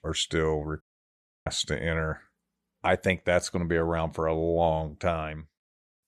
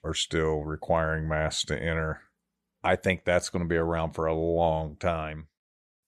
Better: second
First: audio cutting out; at 1 s for 0.5 s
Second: none

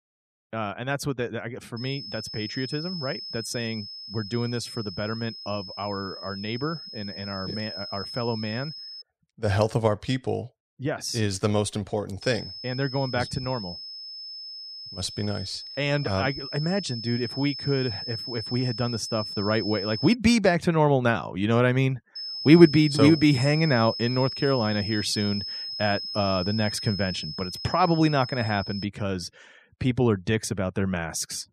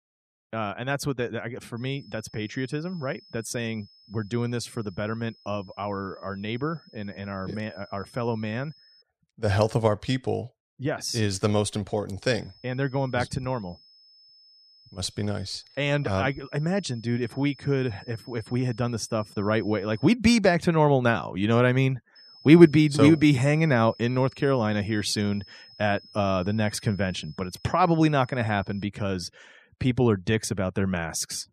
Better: second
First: high-pitched whine; loud; from 2 to 9 s, from 12 to 20 s and from 22 to 29 s; 5 kHz, 8 dB below the speech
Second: high-pitched whine; faint; from 2 to 9 s, from 12 to 20 s and from 22 to 29 s; 5 kHz, 25 dB below the speech

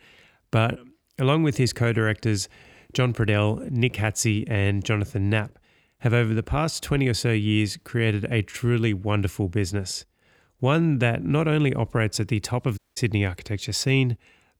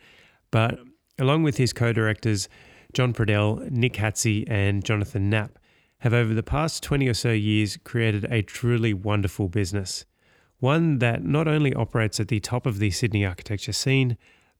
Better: second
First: audio cutting out; at 13 s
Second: none

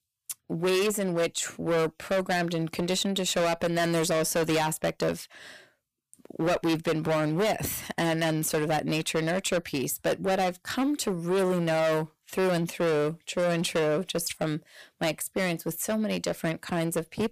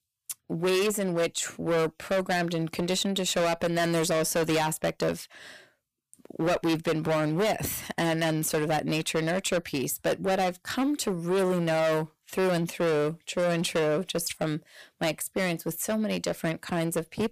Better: neither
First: distortion; heavy; 17% of the sound clipped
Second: distortion; heavy; 17% of the sound clipped

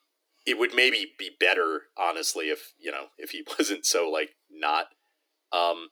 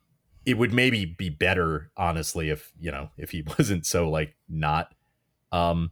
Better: second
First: thin; very; fading below 300 Hz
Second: none

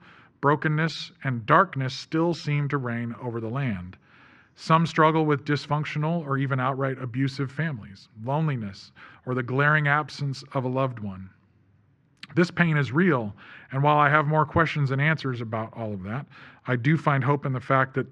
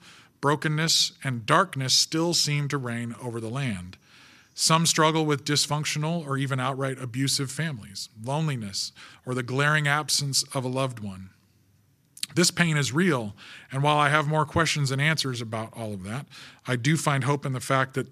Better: second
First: muffled; very; fading above 1.5 kHz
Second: none

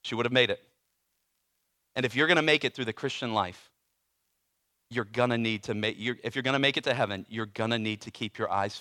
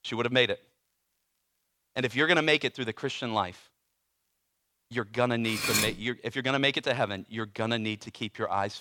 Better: first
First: none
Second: clattering dishes; loud; at 5.5 s; peak 2 dB above the speech

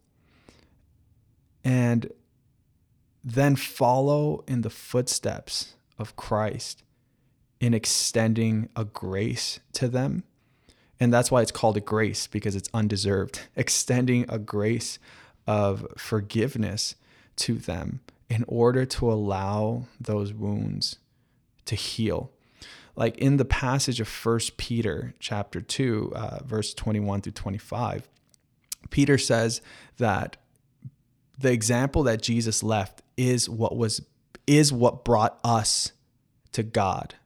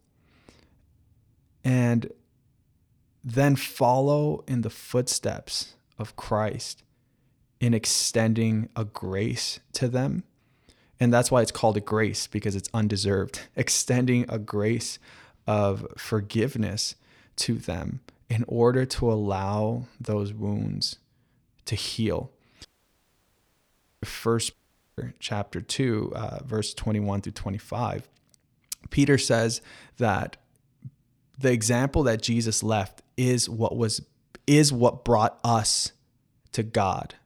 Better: first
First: none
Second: audio cutting out; at 23 s for 1.5 s and at 25 s

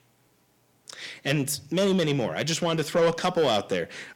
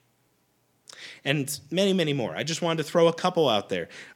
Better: second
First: distortion; slight; 10 dB below the speech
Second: none

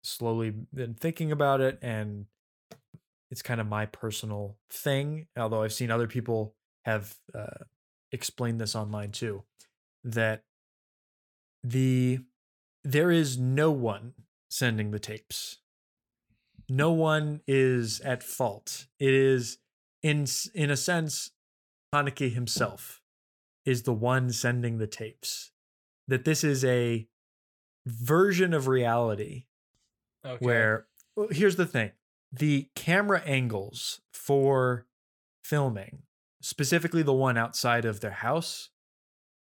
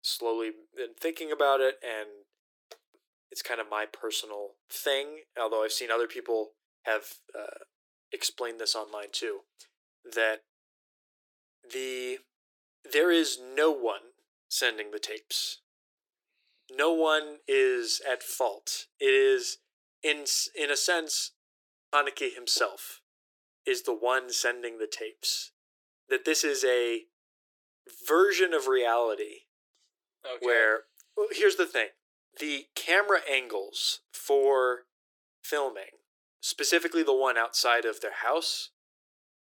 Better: first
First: none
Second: thin; very; fading below 300 Hz

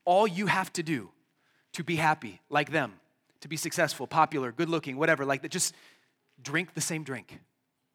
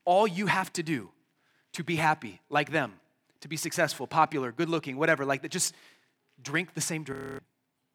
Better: first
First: none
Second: audio freezing; at 7 s

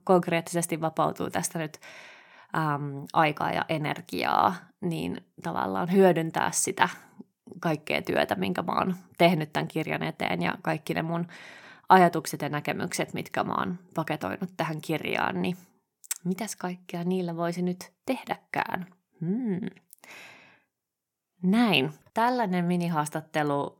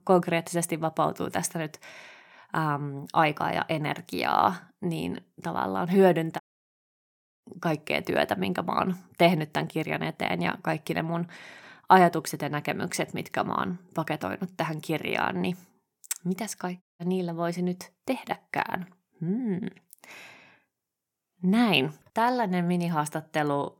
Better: first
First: none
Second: audio cutting out; at 6.5 s for 1 s and at 17 s

